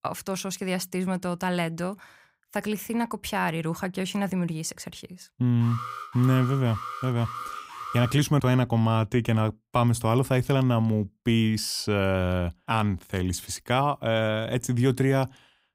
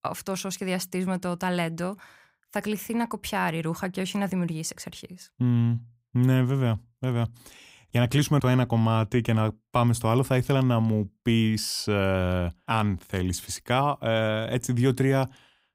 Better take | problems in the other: second | alarm; noticeable; from 5.5 to 8 s; peak 9 dB below the speech

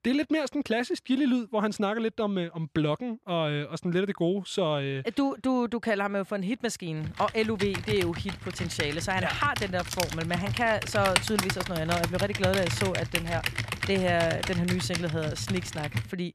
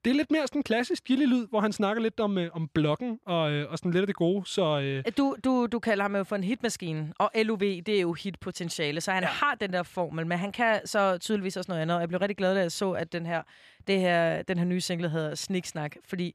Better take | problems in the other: second | keyboard typing; loud; from 7 s on; peak 3 dB above the speech

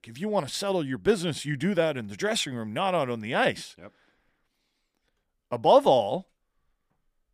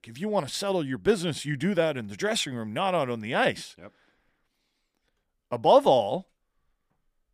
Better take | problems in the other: neither | none

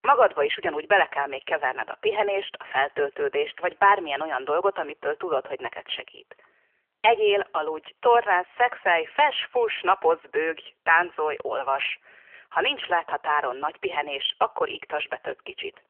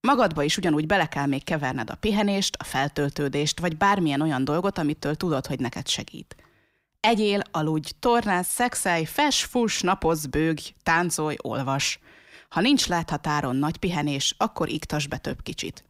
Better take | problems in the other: second | phone-call audio; nothing above 3 kHz

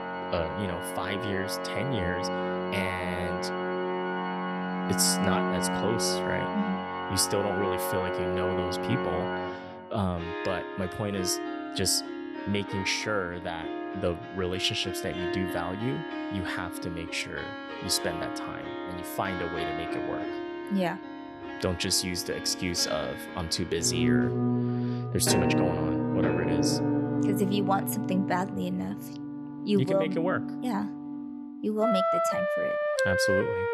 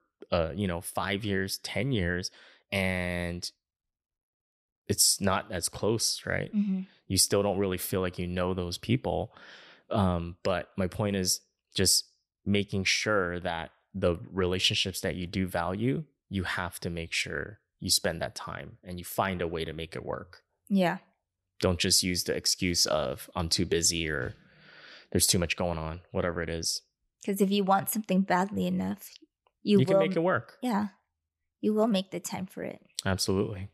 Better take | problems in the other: second | background music; loud; throughout; 1 dB below the speech

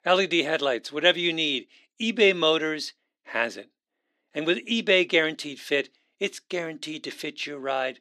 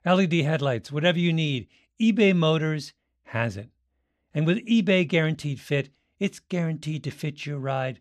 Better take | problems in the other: second | thin; somewhat; fading below 300 Hz

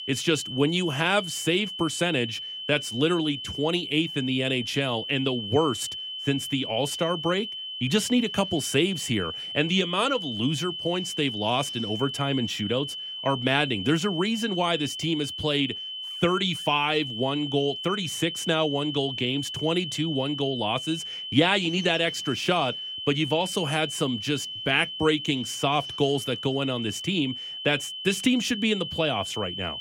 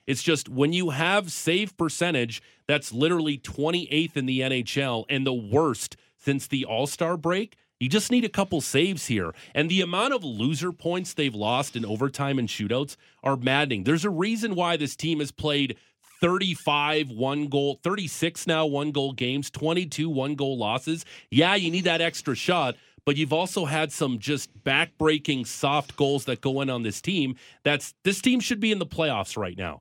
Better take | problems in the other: second | high-pitched whine; loud; throughout; 3 kHz, 6 dB below the speech

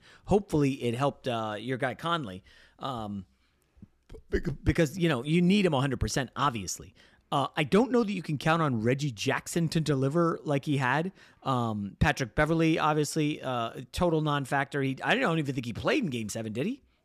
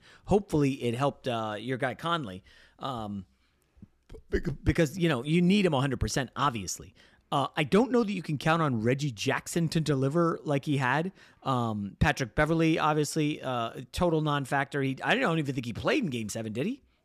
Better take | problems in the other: neither | none

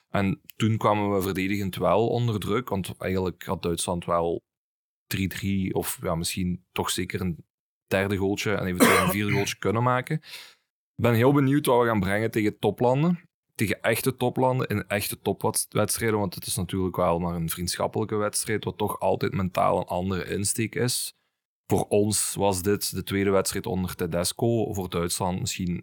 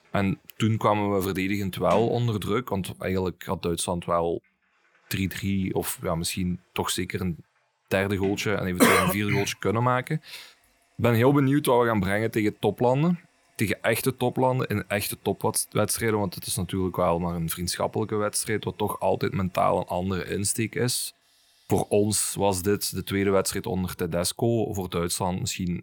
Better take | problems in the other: first | household noises; faint; throughout; 25 dB below the speech

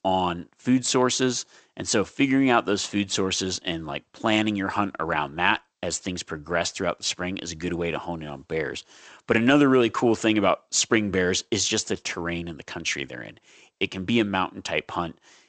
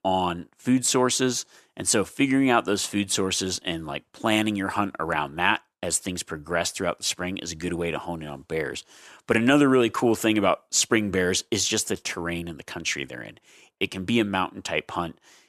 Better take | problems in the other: second | garbled, watery; slightly; nothing above 8 kHz

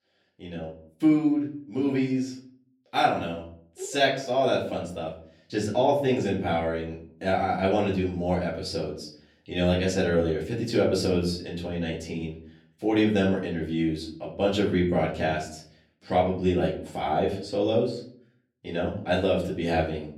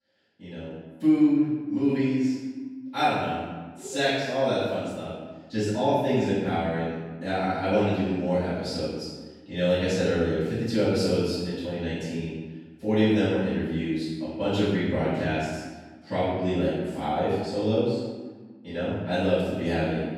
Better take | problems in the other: first | room echo; strong; dies away in 1.2 s; slight in the first // off-mic speech; far; far in the first

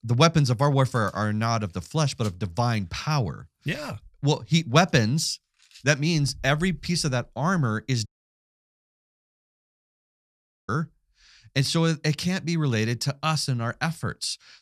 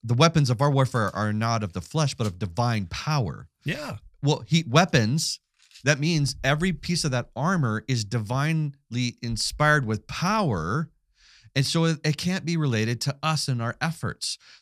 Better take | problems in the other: second | audio cutting out; at 8 s for 2.5 s

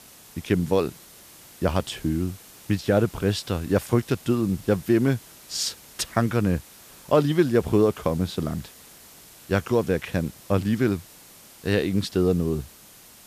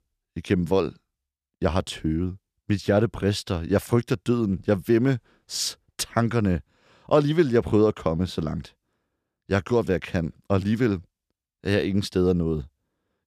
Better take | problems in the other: second | hiss; faint; throughout; 20 dB below the speech

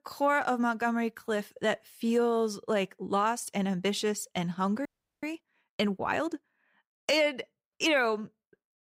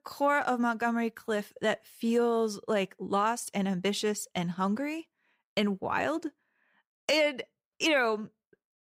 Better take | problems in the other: second | audio freezing; at 5 s

